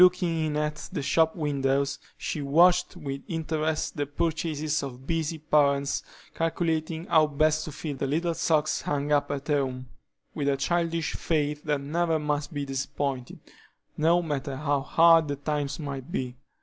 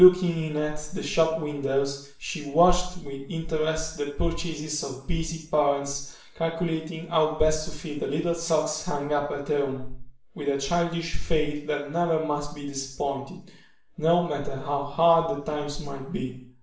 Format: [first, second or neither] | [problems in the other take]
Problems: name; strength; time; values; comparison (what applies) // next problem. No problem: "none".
first | room echo; dies away in 0.6 s